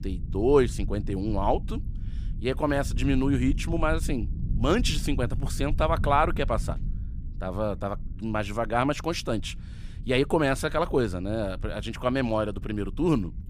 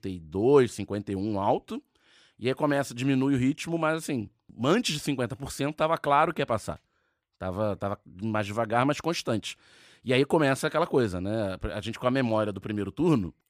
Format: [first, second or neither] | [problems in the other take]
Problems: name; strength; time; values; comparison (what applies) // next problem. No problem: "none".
second | low rumble; faint; throughout; 20 dB below the speech